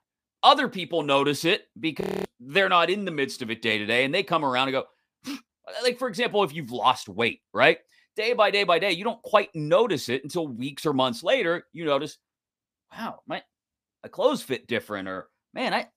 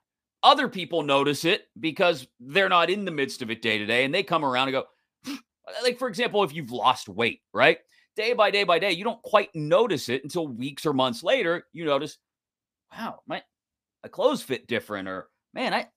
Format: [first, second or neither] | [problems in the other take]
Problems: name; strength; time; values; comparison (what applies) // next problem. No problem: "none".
second | audio freezing; at 2 s